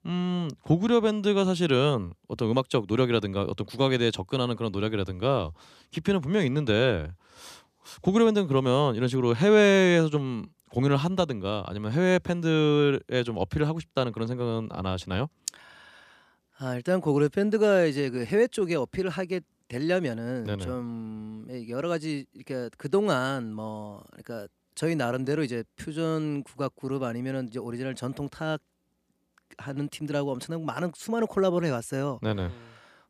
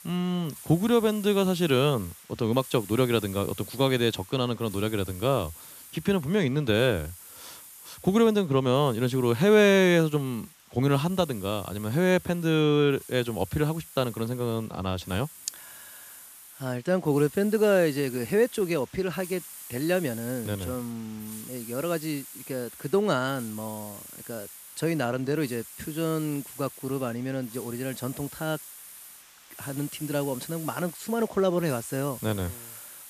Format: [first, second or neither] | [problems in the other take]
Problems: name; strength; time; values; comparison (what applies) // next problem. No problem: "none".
first | hiss; noticeable; throughout; 15 dB below the speech